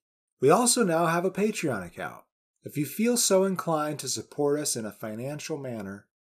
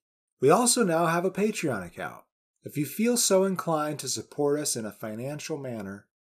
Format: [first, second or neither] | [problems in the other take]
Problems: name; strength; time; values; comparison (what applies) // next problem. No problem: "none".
neither | none